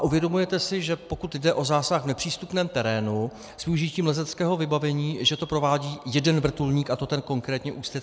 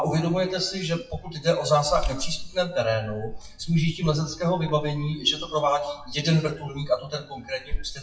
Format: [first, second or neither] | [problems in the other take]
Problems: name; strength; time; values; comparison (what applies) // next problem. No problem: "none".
first | noise reduction (classical method WPE with log-MMSE)